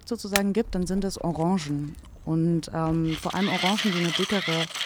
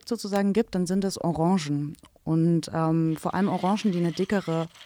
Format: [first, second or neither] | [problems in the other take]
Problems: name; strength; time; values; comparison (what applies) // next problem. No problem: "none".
second | machinery noise; loud; throughout; 1 dB below the speech; faint in the second